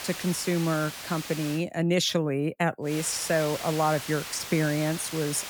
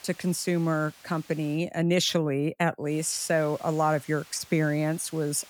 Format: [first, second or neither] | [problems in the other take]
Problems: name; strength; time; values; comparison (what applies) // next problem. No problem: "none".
second | hiss; loud; until 1.5 s and from 3 s on; 9 dB below the speech; faint in the second